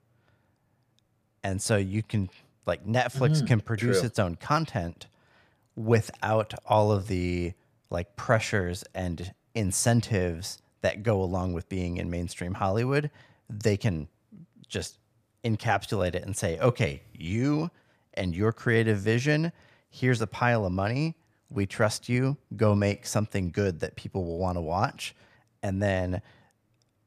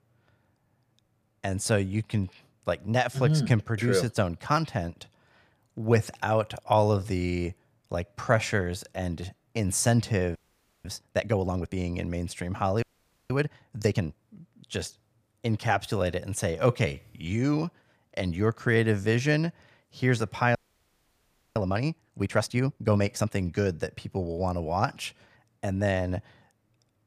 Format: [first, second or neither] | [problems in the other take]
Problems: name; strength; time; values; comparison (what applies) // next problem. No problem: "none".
first | audio freezing; at 10 s for 0.5 s, at 13 s and at 21 s for 1 s